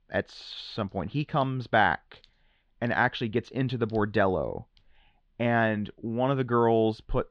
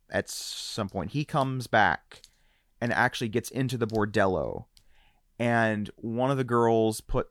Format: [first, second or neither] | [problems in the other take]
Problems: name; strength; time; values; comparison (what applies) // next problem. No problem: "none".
second | muffled; slightly; fading above 3.5 kHz